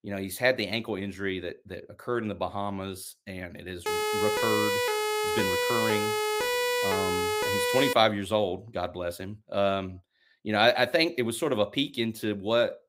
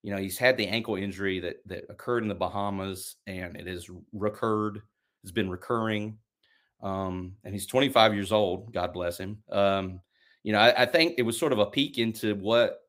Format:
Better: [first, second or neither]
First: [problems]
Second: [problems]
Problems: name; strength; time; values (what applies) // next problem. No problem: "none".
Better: second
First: siren; loud; from 4 to 8 s; peak 3 dB above the speech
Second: none